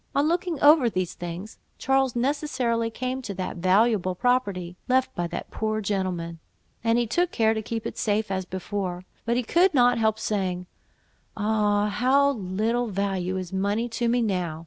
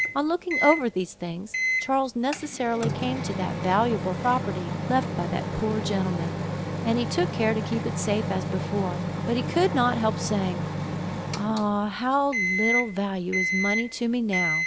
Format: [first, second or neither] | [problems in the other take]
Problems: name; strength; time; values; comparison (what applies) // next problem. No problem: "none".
first | background sound (Microwave oven); 3 dB below the speech